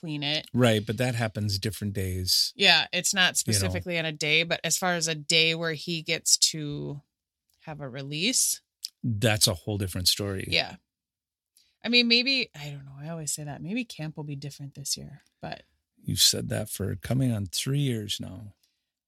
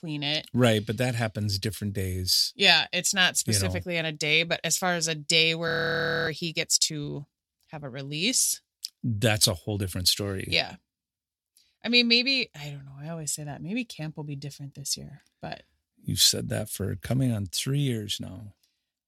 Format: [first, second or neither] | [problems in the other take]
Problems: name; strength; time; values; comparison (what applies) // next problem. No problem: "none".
first | audio freezing; at 5.5 s for 0.5 s